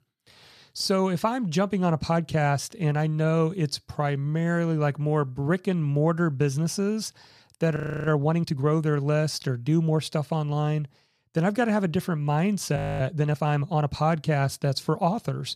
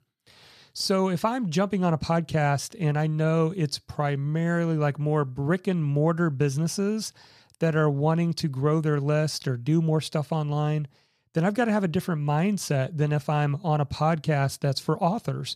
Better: second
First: audio freezing; at 8 s and at 13 s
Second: none

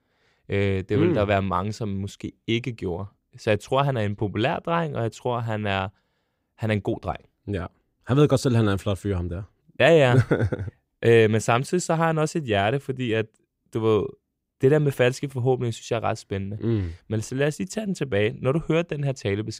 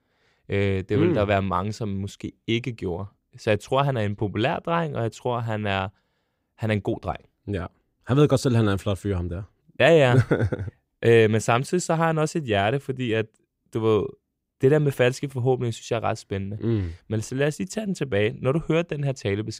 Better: neither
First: none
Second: none

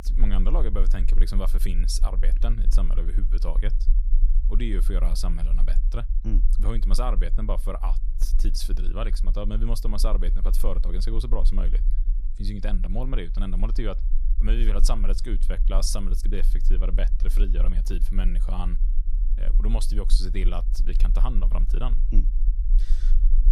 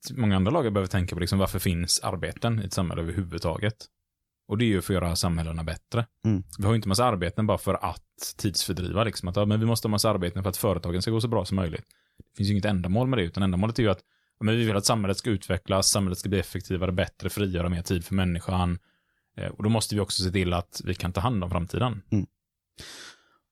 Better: second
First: low rumble; noticeable; throughout; 15 dB below the speech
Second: none

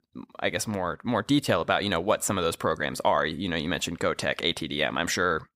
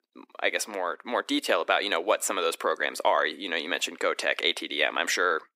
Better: first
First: none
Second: thin; somewhat; fading below 300 Hz

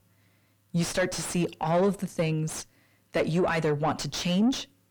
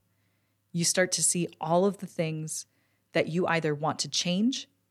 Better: second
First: distortion; heavy; 4 dB below the speech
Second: none

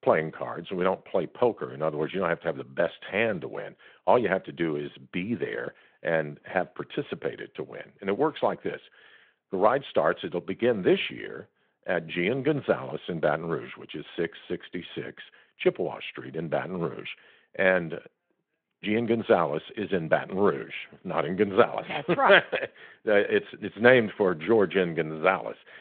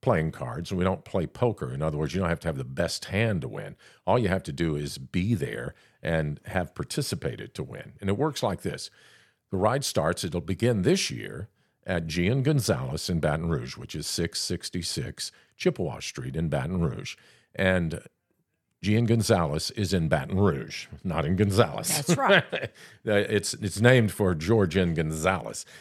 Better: second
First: phone-call audio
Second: none

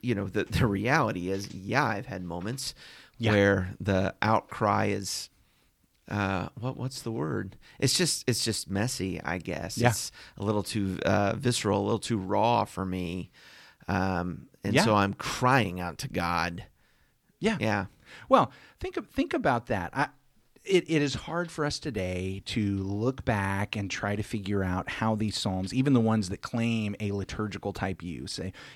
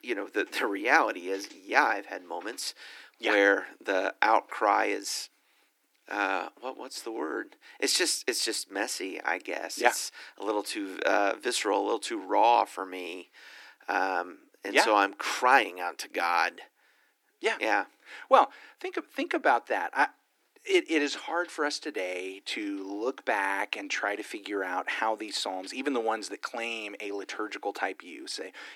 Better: first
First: none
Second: thin; very; fading below 300 Hz

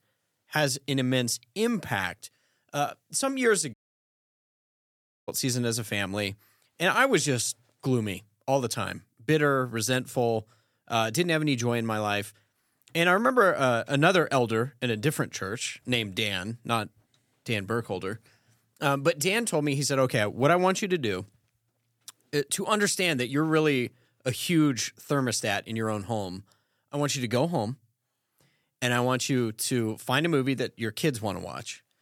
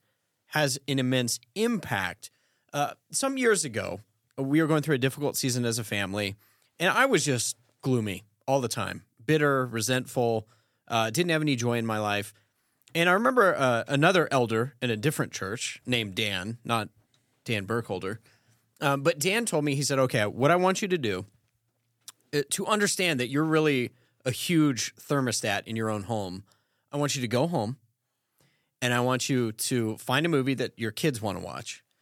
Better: second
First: audio cutting out; at 3.5 s for 1.5 s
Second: none

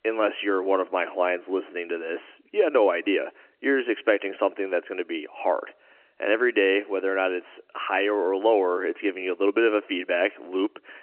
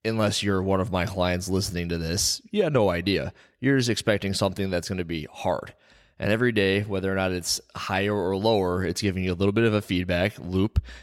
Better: second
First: phone-call audio; nothing above 2.5 kHz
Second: none

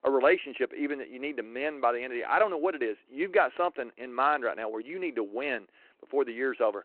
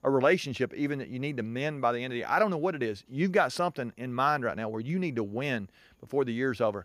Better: second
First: phone-call audio; nothing above 4 kHz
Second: none

